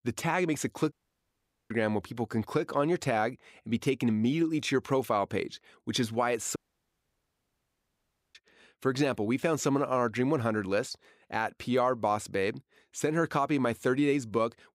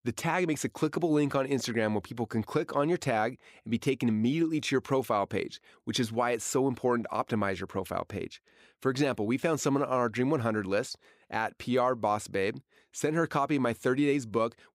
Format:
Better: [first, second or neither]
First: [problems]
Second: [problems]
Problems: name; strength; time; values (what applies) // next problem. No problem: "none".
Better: second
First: audio cutting out; at 1 s for 1 s and at 6.5 s for 2 s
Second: none